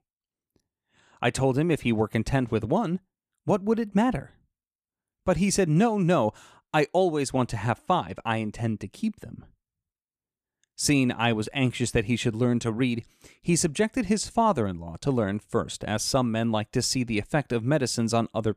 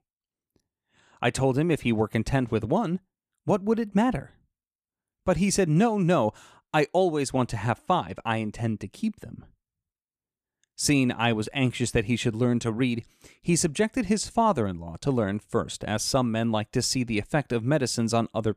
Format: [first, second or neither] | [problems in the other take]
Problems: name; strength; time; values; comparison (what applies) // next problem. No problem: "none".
neither | none